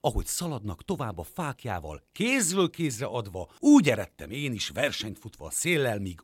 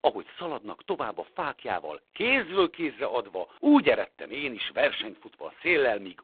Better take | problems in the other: first | phone-call audio; poor line

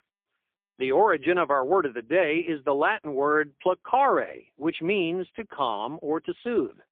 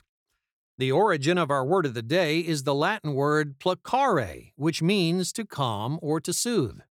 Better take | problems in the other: second | phone-call audio; poor line; nothing above 3.5 kHz

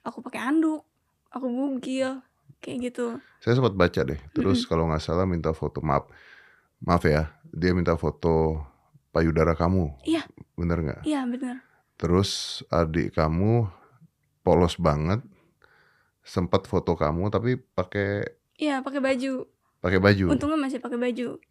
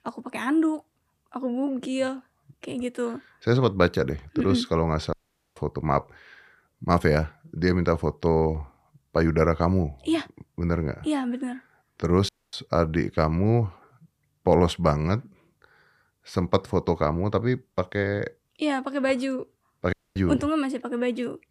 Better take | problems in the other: first | audio cutting out; at 5 s, at 12 s and at 20 s

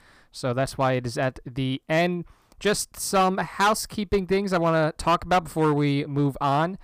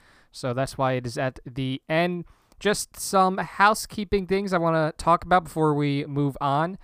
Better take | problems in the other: second | distortion; slight; 4% of the sound clipped

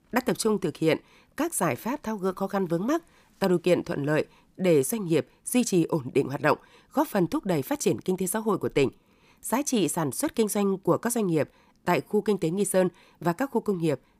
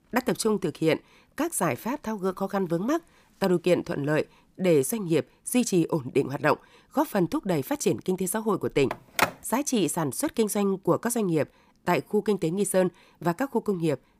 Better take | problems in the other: first | phone ringing; loud; at 9 s; peak level with the speech

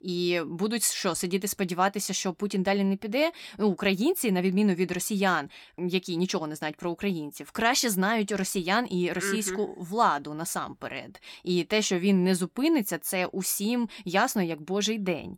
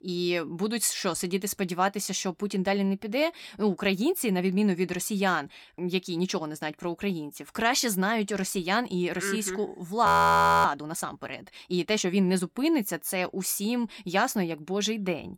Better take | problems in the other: first | audio freezing; at 10 s for 0.5 s

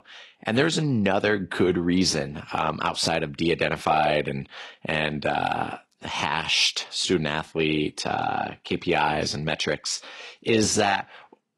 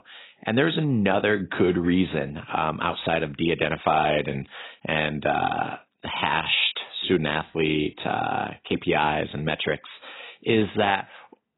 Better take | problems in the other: first | garbled, watery; badly; nothing above 4 kHz; slightly in the first

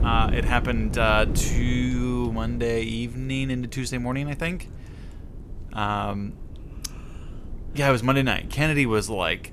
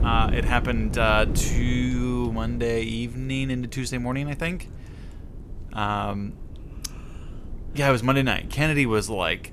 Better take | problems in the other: neither | wind noise on the microphone; occasional gusts; 20 dB below the speech; the same in both

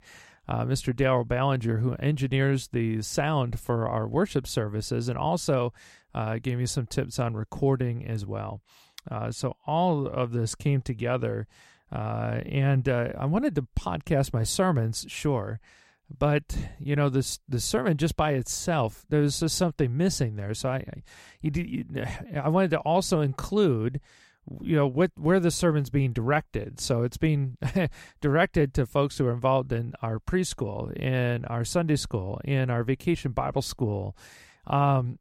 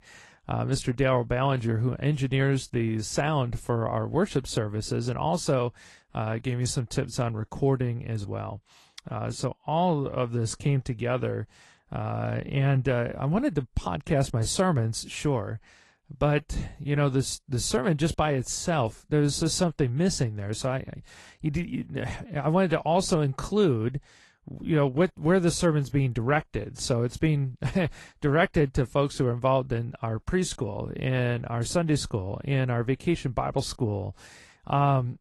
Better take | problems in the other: first | garbled, watery; slightly; nothing above 11 kHz

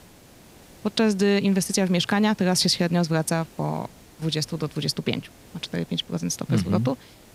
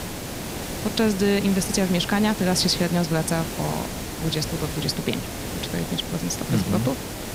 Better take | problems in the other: first | hiss; loud; throughout; 7 dB below the speech; faint in the first

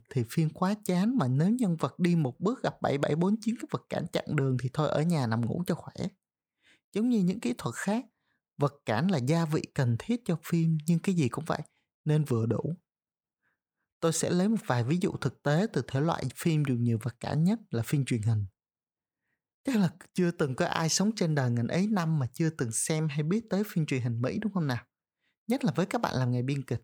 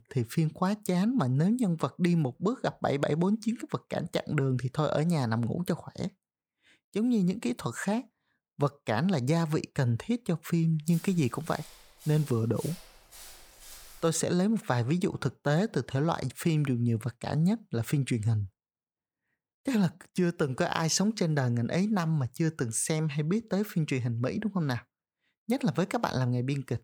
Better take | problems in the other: first | footsteps; faint; from 11 to 14 s; peak 15 dB below the speech

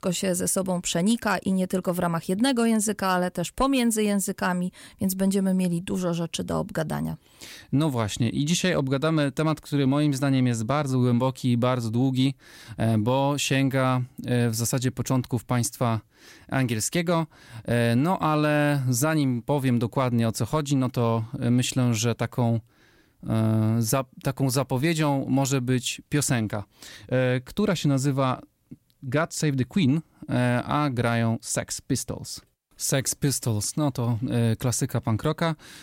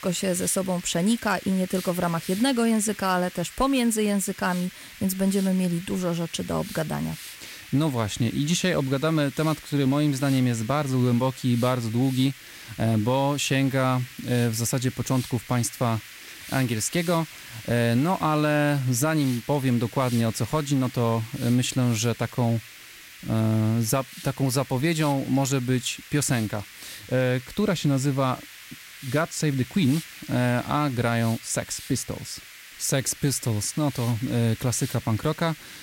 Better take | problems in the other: first | hiss; noticeable; throughout; 15 dB below the speech

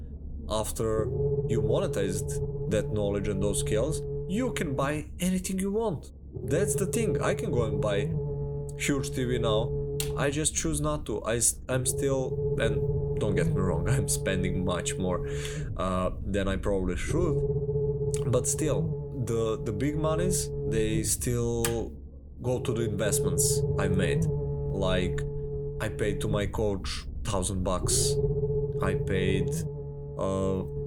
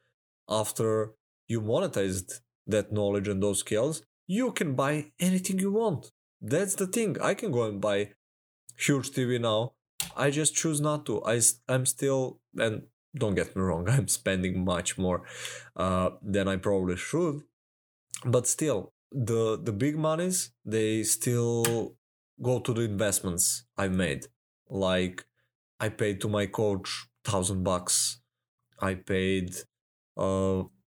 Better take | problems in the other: second | low rumble; loud; throughout; 4 dB below the speech

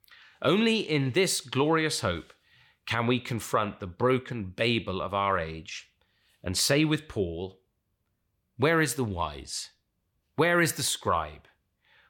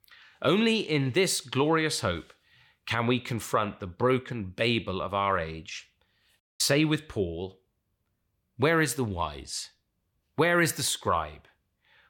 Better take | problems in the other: first | audio cutting out; at 6.5 s

